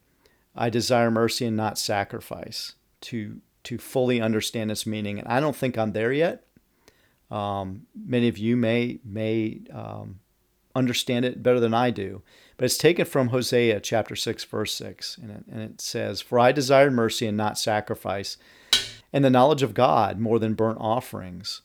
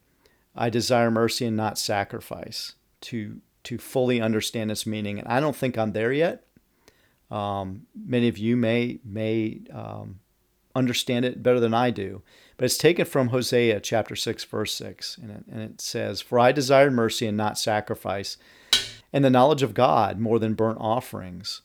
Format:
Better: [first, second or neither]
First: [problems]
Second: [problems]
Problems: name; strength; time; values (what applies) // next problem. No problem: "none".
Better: neither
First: clattering dishes; loud; at 19 s; peak 2 dB above the speech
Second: clattering dishes; loud; at 19 s; peak 2 dB above the speech